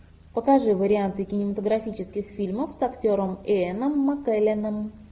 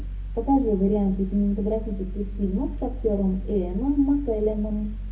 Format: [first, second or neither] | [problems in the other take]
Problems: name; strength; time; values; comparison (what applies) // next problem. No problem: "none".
first | background sound (Mechanical fan); 6 dB below the speech // room echo; dies away in 0.3 s